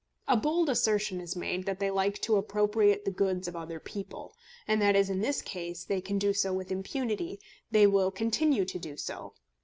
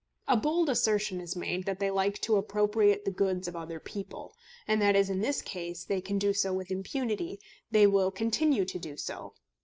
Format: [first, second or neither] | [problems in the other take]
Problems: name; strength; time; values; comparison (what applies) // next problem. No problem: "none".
first | noise reduction (neural mask model Resemble Enhance denoiser)